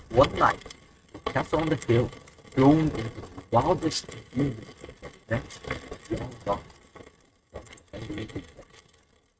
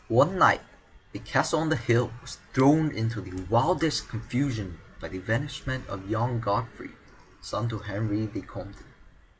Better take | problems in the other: second | noise reduction (neural mask model RNNoise)

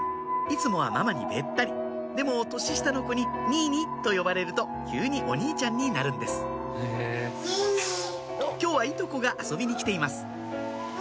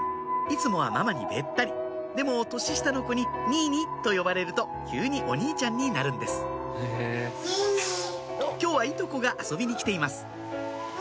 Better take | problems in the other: second | background sound (Wind instrument, woodwind instrument); 13 dB below the speech

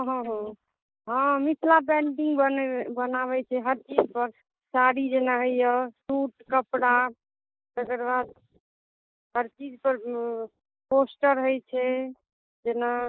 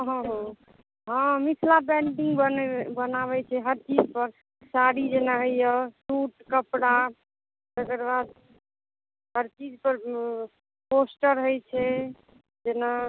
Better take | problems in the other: second | noise reduction (neural mask model Resemble Enhance denoiser)

